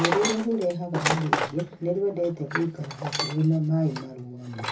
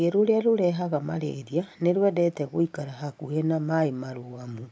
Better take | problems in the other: second | background sound (Tools); 4 dB below the speech // room echo; dies away in 0.4 s

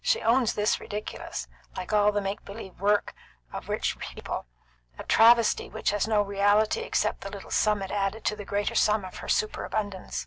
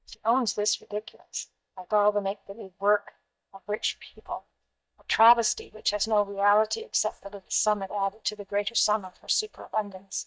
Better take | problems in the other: first | noise reduction (neural mask model DeepFilterNet 3)

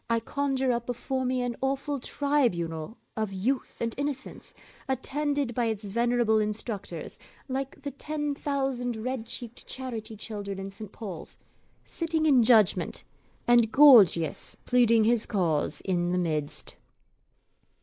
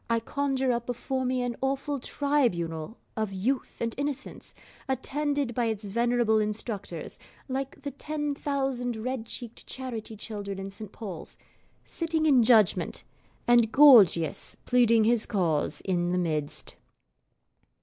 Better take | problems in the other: second | noise reduction (neural mask model Resemble Enhance denoiser)

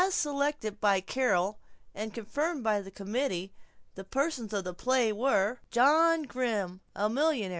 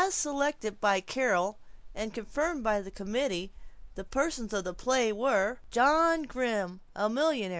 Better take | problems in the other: first | background sound (Rain); 18 dB below the speech

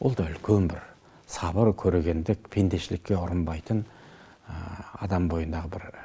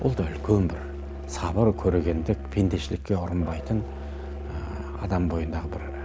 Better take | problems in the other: first | background sound (Musical instrument); 8 dB below the speech

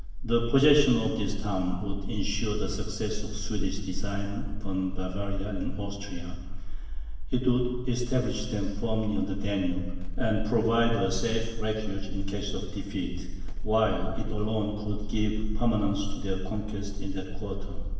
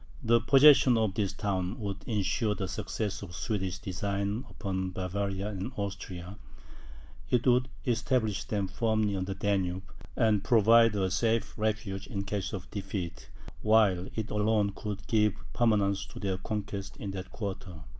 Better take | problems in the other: second | room echo; dies away in 1.2 s

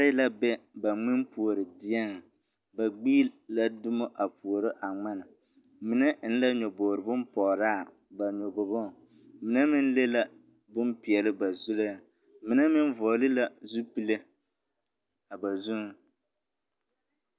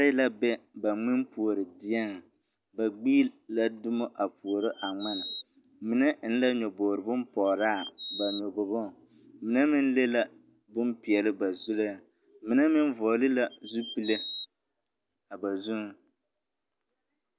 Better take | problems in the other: first | background sound (Bird vocalization, bird call, bird song); 9 dB below the speech

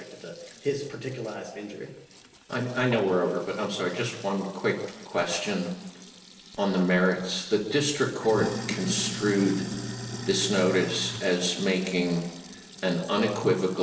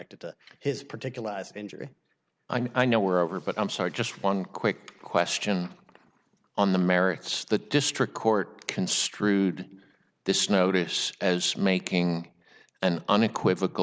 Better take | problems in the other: second | background sound (Sink (filling or washing)); 12 dB below the speech // room echo; dies away in 1 s

